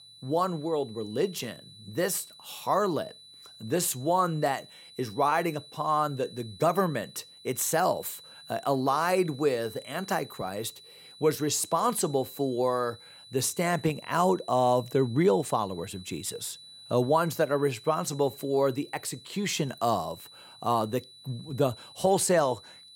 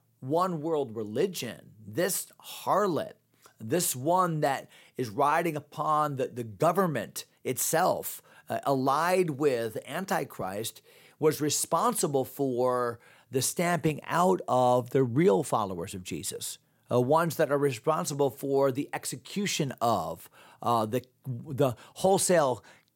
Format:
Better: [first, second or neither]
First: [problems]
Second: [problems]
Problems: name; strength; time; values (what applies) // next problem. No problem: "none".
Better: second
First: high-pitched whine; noticeable; throughout; 4 kHz, 20 dB below the speech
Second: none